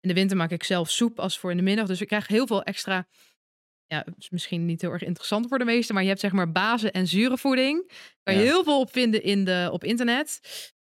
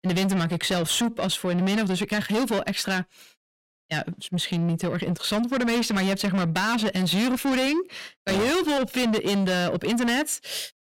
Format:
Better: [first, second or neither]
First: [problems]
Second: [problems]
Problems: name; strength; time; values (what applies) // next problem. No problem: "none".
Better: first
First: none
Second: distortion; heavy; 6 dB below the speech